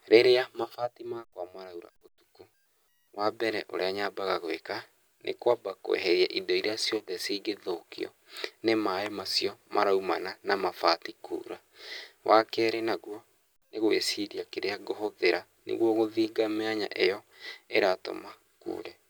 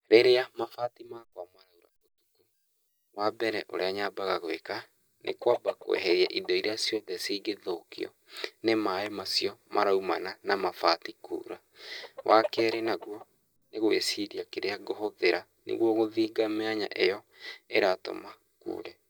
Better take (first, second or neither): first